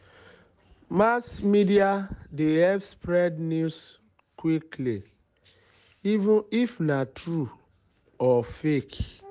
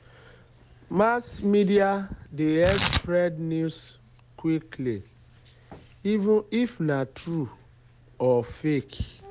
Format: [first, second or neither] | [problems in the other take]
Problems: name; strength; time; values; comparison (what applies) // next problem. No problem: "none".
first | background sound (Tearing); 12 dB below the speech